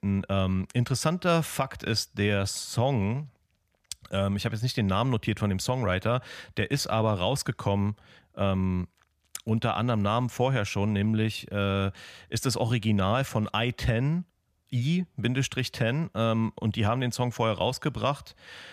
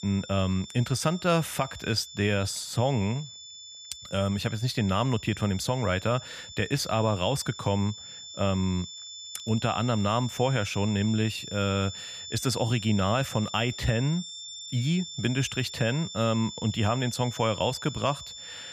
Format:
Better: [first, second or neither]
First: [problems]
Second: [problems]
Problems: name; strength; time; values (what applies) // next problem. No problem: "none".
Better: first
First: none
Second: high-pitched whine; noticeable; throughout; 3.5 kHz, 10 dB below the speech